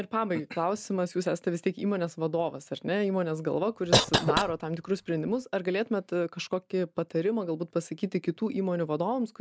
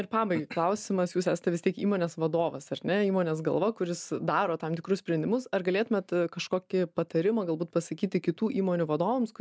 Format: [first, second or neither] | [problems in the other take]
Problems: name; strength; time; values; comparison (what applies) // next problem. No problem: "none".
second | background sound (Cough); as loud as the speech